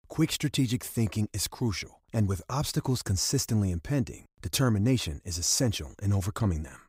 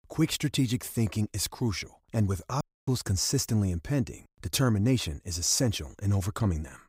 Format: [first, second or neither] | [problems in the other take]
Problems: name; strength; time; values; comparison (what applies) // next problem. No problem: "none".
first | audio cutting out; at 2.5 s